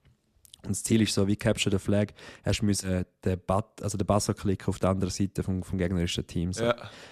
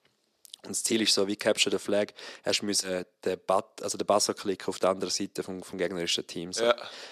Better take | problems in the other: first | thin; somewhat; fading below 400 Hz

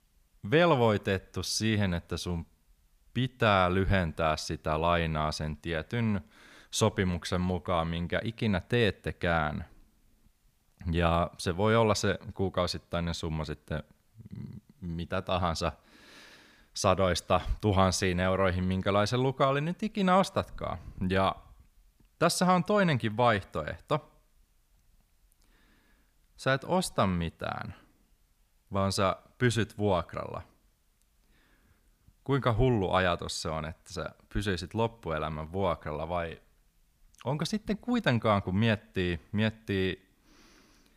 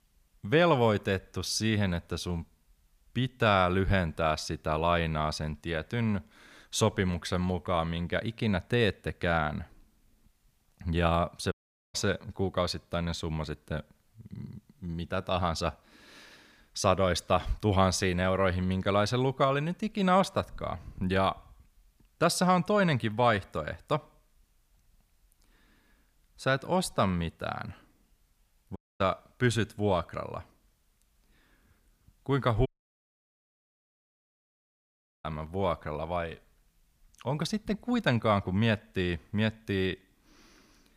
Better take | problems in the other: first | audio cutting out; at 12 s, at 29 s and at 33 s for 2.5 s

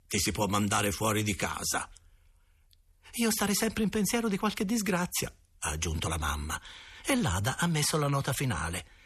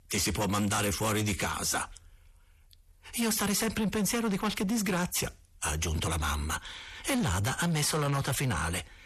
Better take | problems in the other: first | distortion; slight; 10 dB below the speech

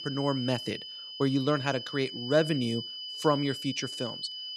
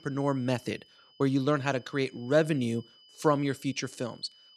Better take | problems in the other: second | high-pitched whine; loud; throughout; 3 kHz, 7 dB below the speech; faint in the second

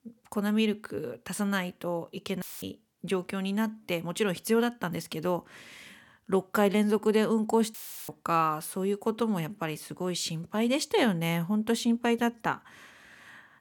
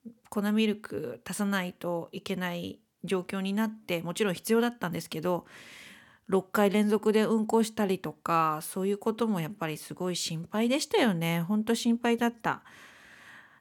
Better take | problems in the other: second | audio cutting out; filled with static; at 2.5 s and at 7.5 s

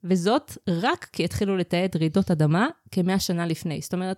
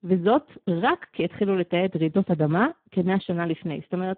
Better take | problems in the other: first | phone-call audio; poor line

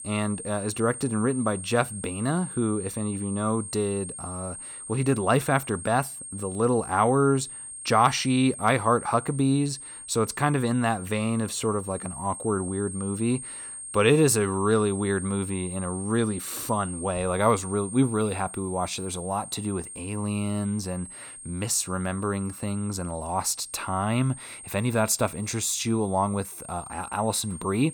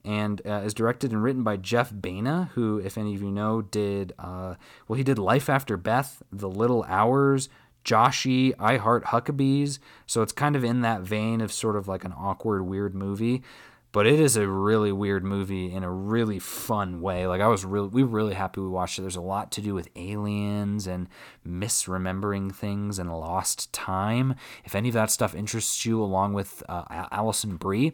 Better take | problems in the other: second | high-pitched whine; noticeable; throughout; 8.5 kHz, 10 dB below the speech

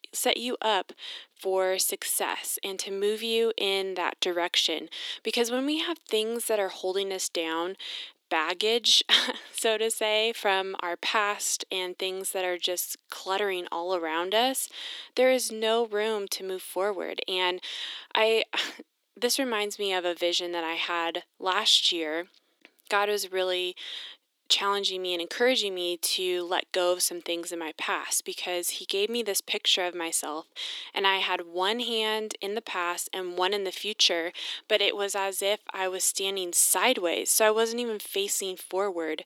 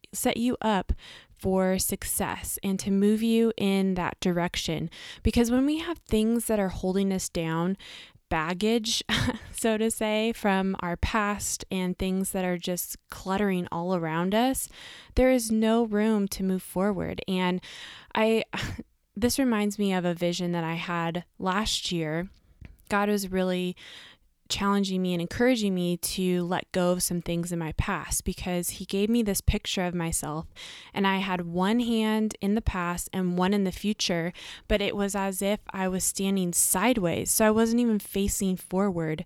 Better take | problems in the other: second | thin; very; fading below 300 Hz

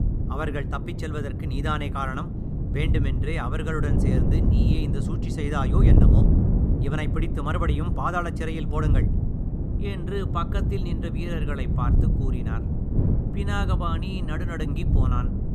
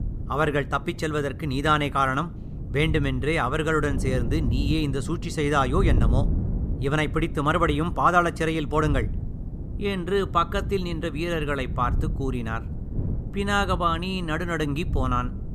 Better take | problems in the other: second | wind noise on the microphone; heavy; 4 dB below the speech; occasional gusts in the second

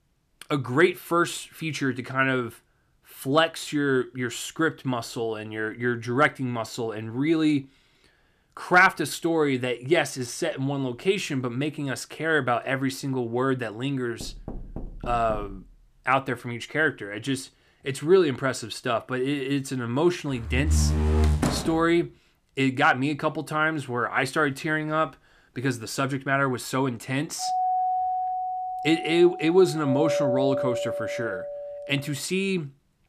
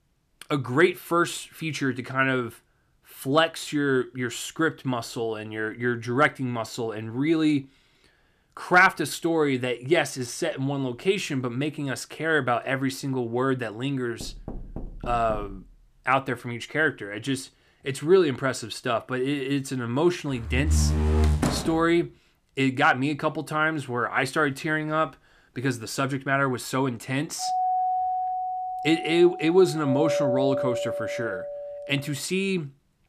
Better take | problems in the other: neither | door banging; faint; from 14 to 16 s; peak 15 dB below the speech; the same in both // door banging; loud; from 20 to 22 s; peak 3 dB above the speech; the same in both // doorbell; loud; from 27 to 32 s; peak 1 dB above the speech; the same in both

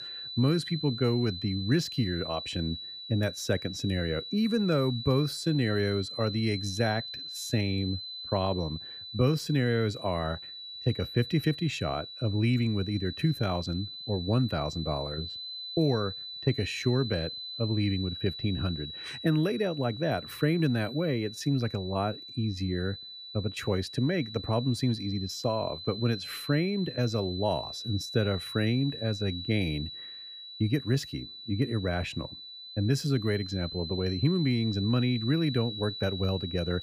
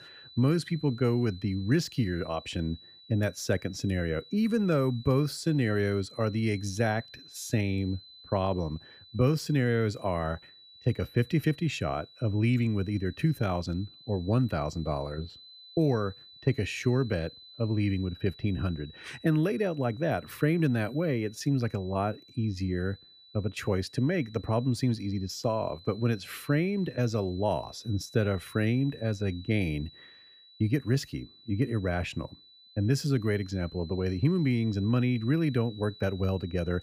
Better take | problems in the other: second | high-pitched whine; loud; throughout; 4 kHz, 9 dB below the speech; faint in the second

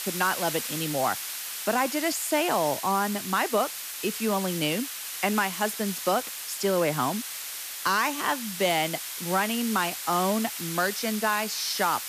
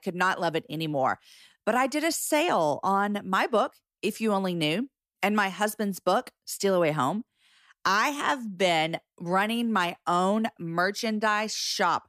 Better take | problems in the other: second | hiss; loud; throughout; 5 dB below the speech

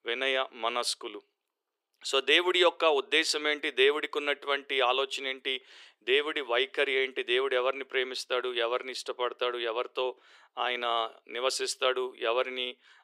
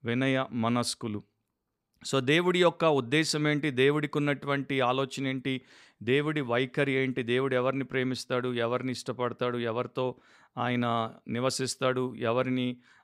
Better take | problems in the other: second | thin; very; fading below 350 Hz

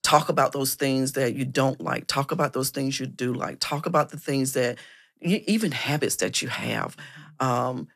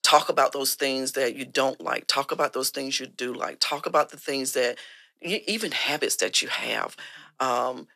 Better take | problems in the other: first | thin; somewhat; fading below 450 Hz

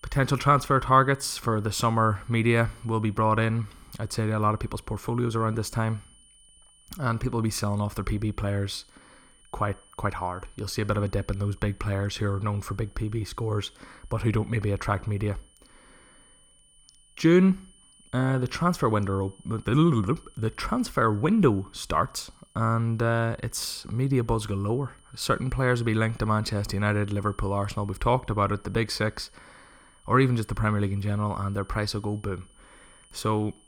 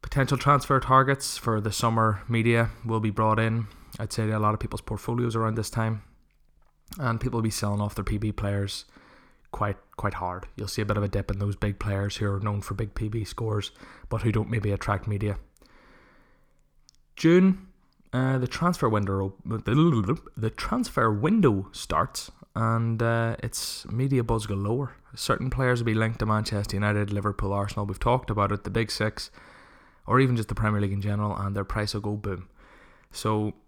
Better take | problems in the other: second | high-pitched whine; faint; throughout; 9.5 kHz, 30 dB below the speech

